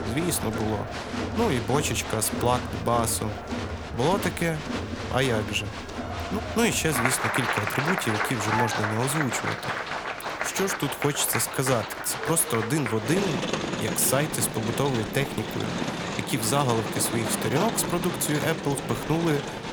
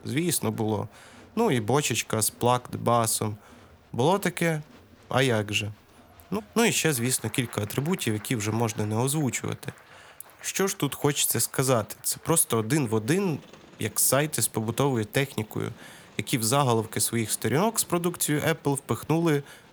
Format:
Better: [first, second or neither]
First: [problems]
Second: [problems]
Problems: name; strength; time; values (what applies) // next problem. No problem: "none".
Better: second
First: crowd noise; loud; throughout; 4 dB below the speech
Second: crowd noise; faint; throughout; 25 dB below the speech